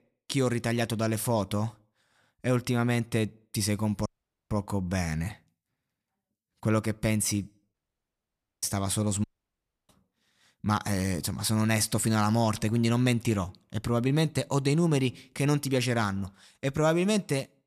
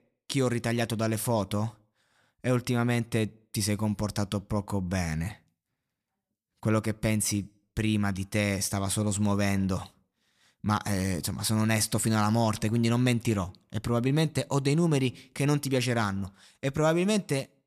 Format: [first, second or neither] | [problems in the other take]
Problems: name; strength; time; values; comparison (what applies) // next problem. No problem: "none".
second | audio cutting out; at 4 s, at 7.5 s for 1 s and at 9 s for 0.5 s